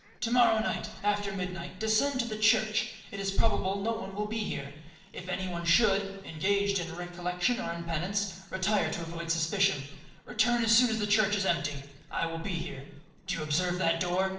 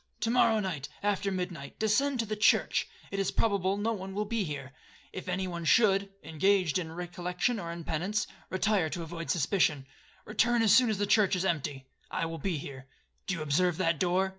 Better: second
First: noise reduction (neural separator model SepFormer DNS4)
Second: none

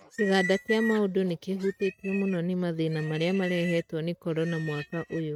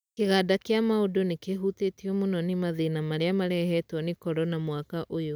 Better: second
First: noise reduction (neural mask model RNNoise)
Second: none

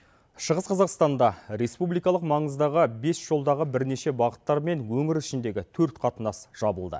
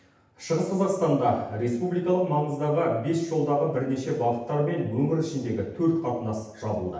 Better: first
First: none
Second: room echo; dies away in 0.9 s

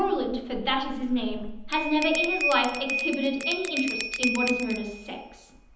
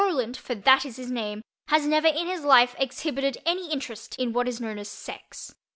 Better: second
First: background sound (Bell); 4 dB below the speech // room echo; dies away in 0.9 s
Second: none

